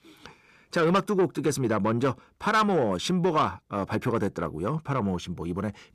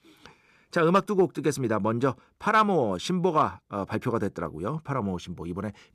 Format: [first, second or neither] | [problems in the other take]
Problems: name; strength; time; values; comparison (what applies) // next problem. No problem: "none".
second | distortion; slight; 10 dB below the speech